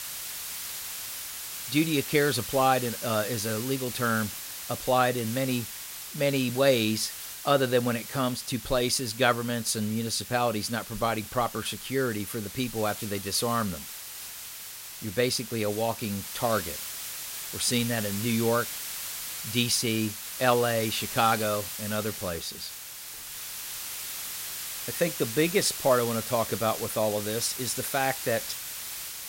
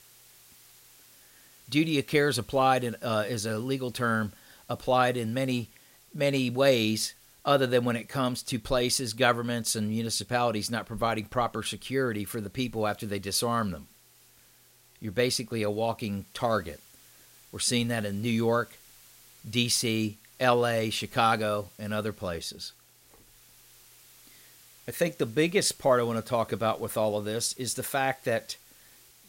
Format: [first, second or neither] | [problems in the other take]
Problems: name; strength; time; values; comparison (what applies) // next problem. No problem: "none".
second | hiss; loud; throughout; 7 dB below the speech; faint in the second